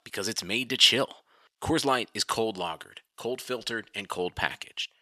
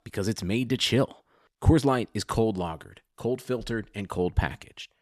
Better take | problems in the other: second | thin; somewhat; fading below 1 kHz

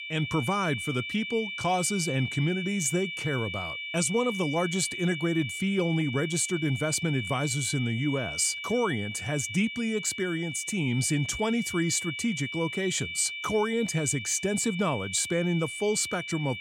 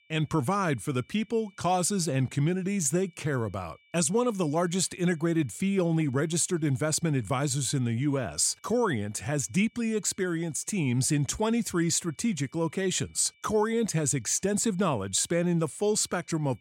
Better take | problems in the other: second | high-pitched whine; loud; throughout; 2.5 kHz, 6 dB below the speech; faint in the second

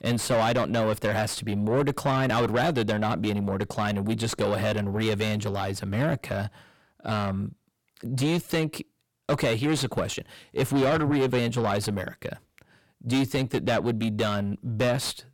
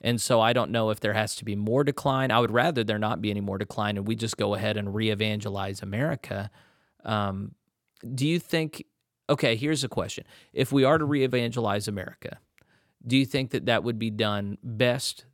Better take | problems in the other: second | distortion; heavy; 6 dB below the speech

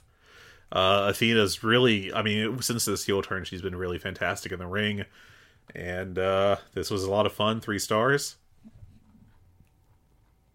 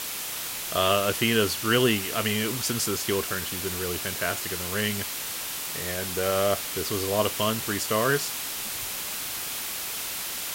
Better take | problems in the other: first | hiss; loud; throughout; 3 dB below the speech

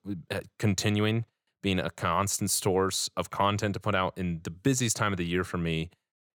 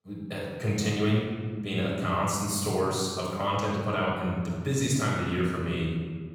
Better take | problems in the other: first | off-mic speech; far // room echo; strong; dies away in 1.7 s

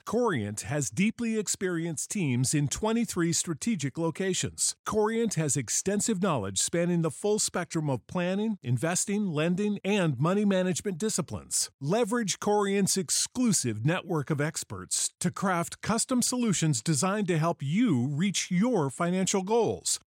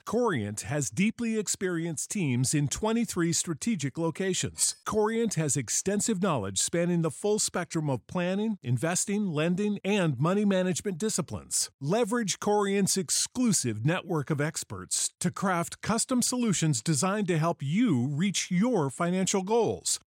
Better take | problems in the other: first | clattering dishes; noticeable; at 4.5 s; peak 6 dB below the speech

